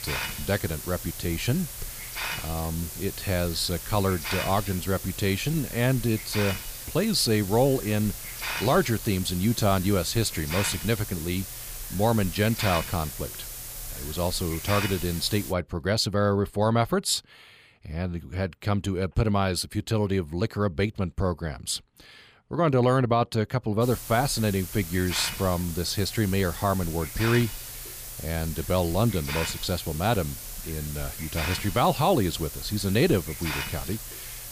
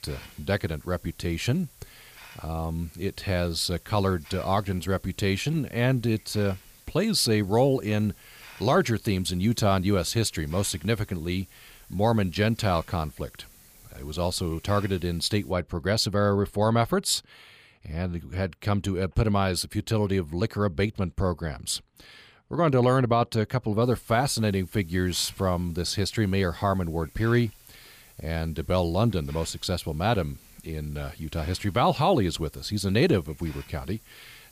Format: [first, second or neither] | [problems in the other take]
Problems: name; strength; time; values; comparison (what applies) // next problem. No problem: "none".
second | hiss; loud; until 16 s and from 24 s on; 8 dB below the speech; faint in the second